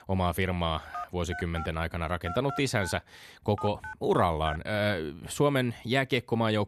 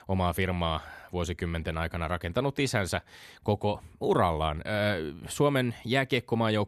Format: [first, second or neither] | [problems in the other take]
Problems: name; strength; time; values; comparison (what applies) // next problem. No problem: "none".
second | phone ringing; noticeable; from 1 to 4.5 s; peak 9 dB below the speech